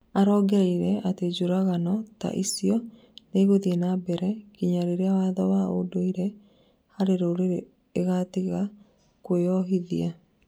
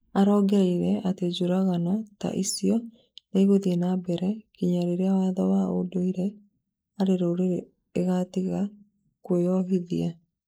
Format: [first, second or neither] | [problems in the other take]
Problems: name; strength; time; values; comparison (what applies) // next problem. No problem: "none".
first | noise reduction (neural mask model Resemble Enhance denoiser)